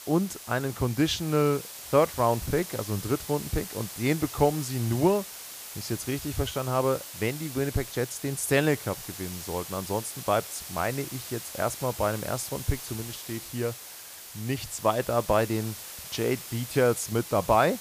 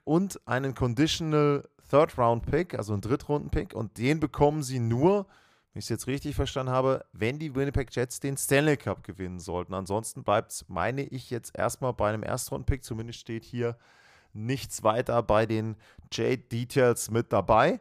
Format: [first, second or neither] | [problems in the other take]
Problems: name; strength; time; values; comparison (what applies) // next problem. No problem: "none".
second | hiss; noticeable; throughout; 10 dB below the speech